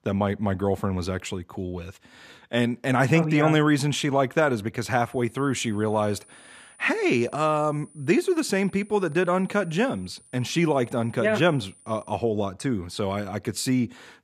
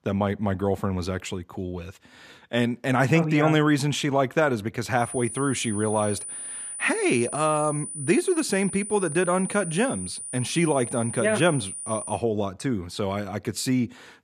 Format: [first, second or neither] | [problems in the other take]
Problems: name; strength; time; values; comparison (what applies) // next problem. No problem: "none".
first | high-pitched whine; loud; from 5 to 12 s; 9.5 kHz, 8 dB below the speech; faint in the first